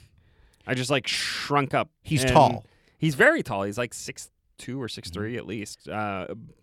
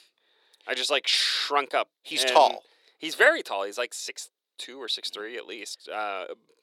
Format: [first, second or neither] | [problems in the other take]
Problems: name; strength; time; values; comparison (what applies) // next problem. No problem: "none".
first | thin; very; fading below 400 Hz